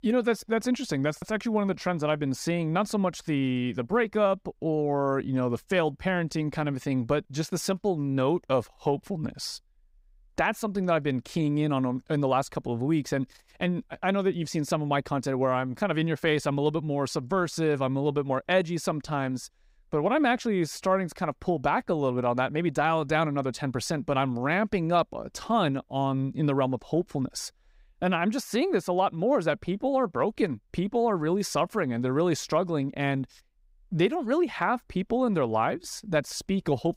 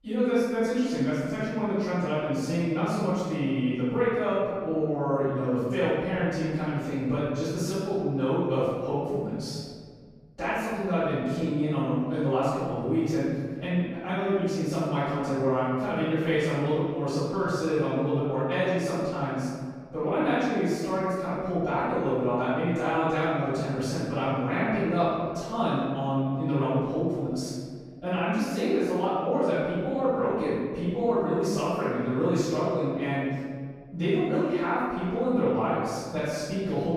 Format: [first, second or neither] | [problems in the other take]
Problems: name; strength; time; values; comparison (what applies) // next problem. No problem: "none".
first | off-mic speech; far // room echo; strong; dies away in 1.7 s